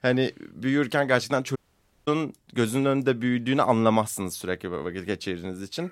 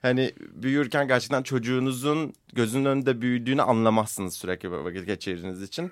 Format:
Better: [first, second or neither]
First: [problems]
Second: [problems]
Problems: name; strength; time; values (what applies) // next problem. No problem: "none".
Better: second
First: audio cutting out; at 1.5 s for 0.5 s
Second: none